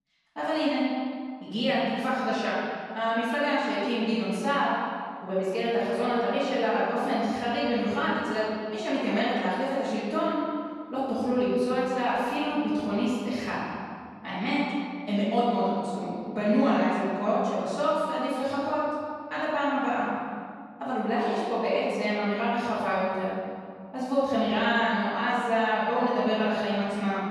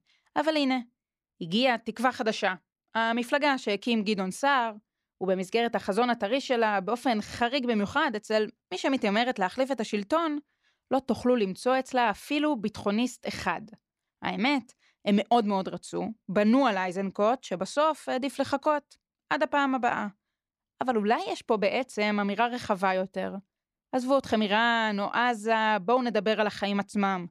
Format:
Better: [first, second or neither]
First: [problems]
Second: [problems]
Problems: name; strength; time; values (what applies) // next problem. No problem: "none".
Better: second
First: room echo; strong; dies away in 1.9 s // off-mic speech; far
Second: none